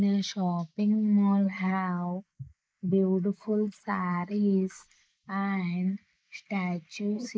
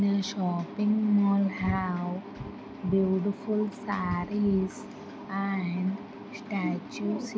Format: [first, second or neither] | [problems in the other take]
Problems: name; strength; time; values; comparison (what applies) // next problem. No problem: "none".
second | noise reduction (neural mask model Resemble Enhance denoiser)